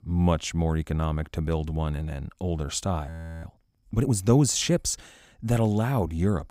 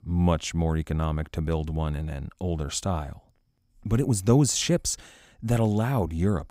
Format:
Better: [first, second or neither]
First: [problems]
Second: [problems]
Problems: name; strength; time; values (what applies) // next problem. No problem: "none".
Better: second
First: audio freezing; at 3 s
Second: none